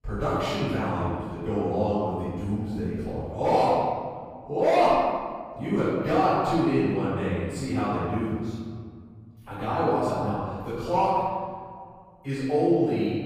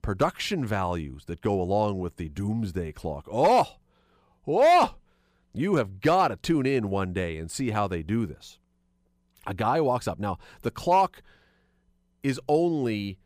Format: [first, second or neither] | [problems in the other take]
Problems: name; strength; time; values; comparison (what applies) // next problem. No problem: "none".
second | off-mic speech; far // room echo; strong; dies away in 1.7 s